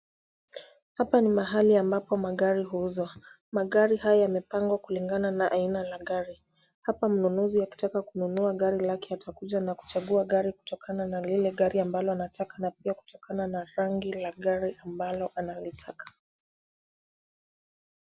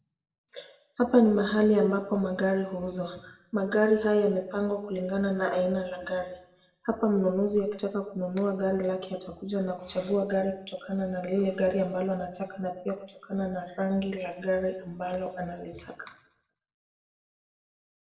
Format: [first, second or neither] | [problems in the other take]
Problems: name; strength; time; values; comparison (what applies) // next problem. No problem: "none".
first | room echo; dies away in 0.6 s